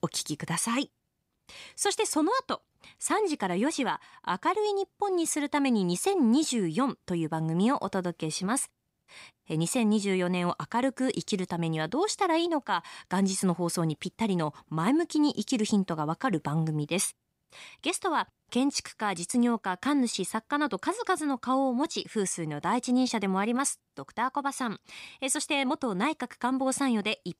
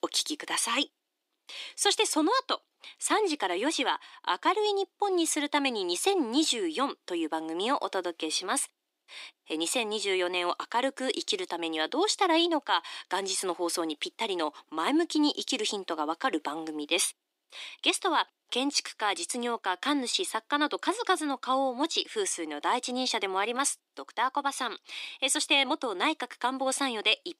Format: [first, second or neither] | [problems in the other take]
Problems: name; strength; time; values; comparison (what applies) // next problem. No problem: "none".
first | thin; somewhat; fading below 300 Hz